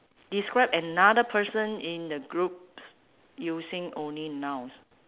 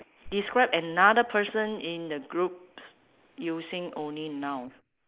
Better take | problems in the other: first | noise reduction (neural mask model Resemble Enhance denoiser)

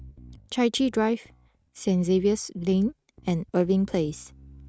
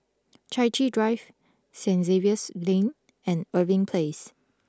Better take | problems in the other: second | noise reduction (neural mask model RNNoise)

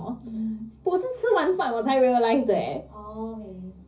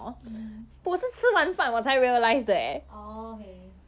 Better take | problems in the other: second | room echo; dies away in 0.5 s

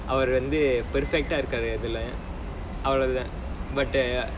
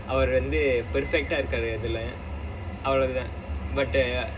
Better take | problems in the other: first | room echo; dies away in 0.2 s

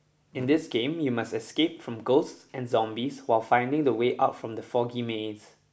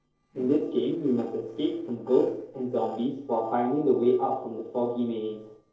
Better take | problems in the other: first | noise reduction (neural separator model SepFormer DNS4)

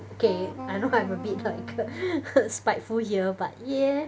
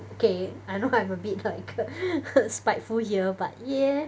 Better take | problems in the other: second | background sound (Wind instrument, woodwind instrument); 11 dB below the speech

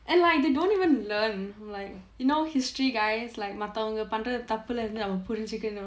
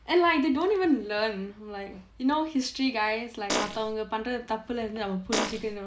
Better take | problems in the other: first | background sound (Fart); 3 dB below the speech

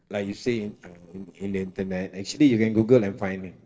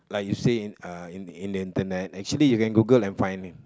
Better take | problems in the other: second | noise reduction (neural separator model SepFormer DNS4)

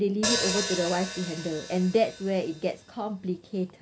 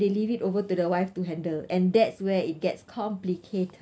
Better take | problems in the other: second | background sound (Hi-hat); 6 dB below the speech

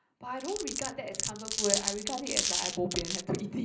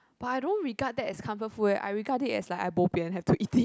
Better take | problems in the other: second | background sound (Glass); 1 dB above the speech // room echo; dies away in 0.5 s

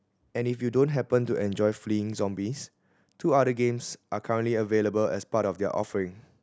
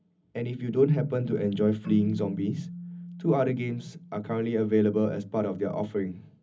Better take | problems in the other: first | background sound (Keyboard (musical)); 15 dB below the speech // room echo; dies away in 0.4 s

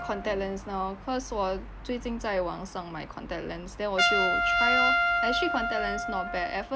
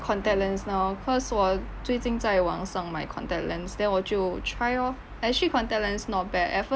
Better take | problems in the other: second | background sound (Trumpet); 2 dB above the speech

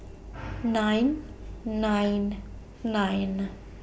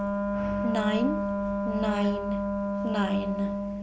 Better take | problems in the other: first | background sound (Wind instrument, woodwind instrument); 2 dB above the speech

